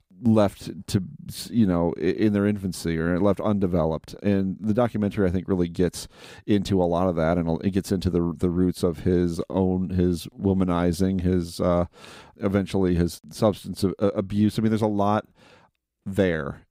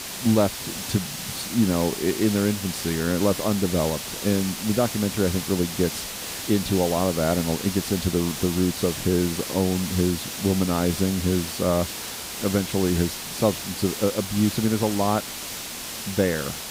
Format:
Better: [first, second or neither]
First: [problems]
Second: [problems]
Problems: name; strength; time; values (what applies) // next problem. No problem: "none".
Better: first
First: none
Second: hiss; loud; throughout; 6 dB below the speech